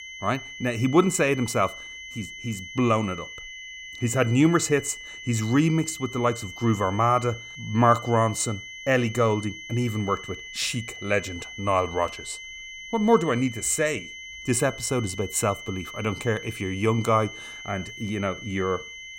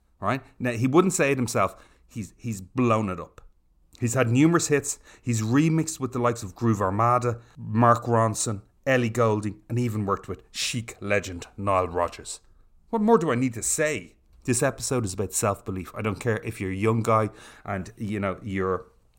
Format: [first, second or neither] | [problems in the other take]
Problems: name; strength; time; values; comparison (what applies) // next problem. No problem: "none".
second | high-pitched whine; noticeable; throughout; 2 kHz, 10 dB below the speech